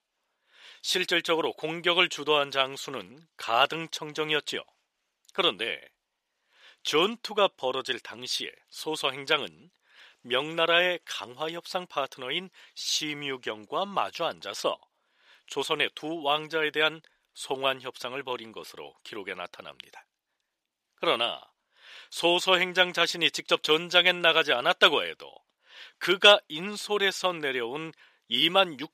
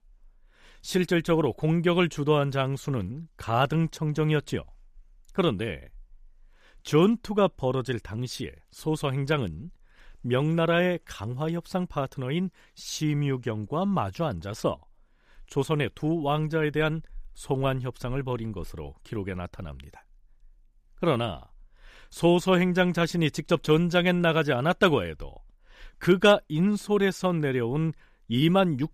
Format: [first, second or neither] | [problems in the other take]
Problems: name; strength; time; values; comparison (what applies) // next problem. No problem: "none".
second | thin; very; fading below 500 Hz